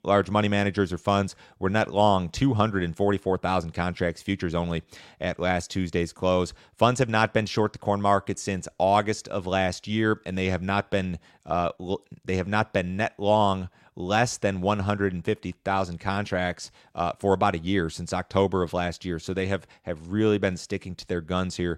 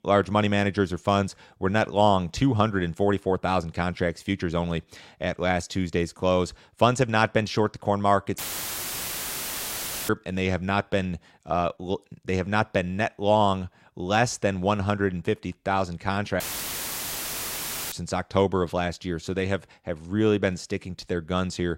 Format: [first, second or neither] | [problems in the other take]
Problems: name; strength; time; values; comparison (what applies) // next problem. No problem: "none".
first | audio cutting out; filled with static; at 8.5 s for 1.5 s and at 16 s for 1.5 s